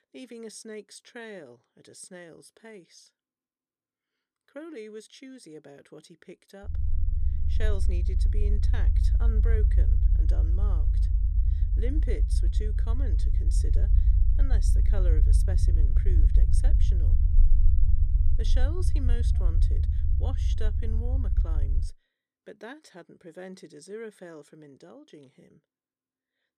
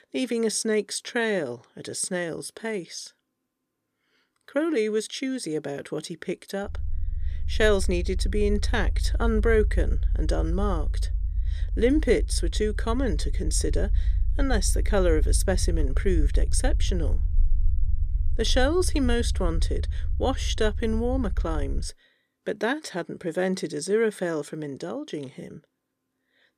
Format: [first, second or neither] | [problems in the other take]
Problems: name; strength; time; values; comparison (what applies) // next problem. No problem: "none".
second | low rumble; loud; from 6.5 to 22 s; 2 dB below the speech; faint in the second